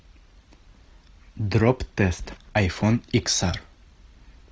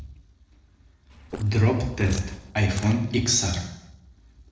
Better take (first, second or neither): first